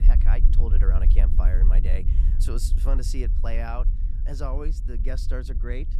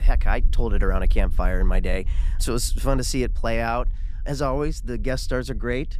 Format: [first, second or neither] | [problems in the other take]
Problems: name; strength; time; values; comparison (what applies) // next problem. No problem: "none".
second | low rumble; loud; throughout; 8 dB below the speech; faint in the second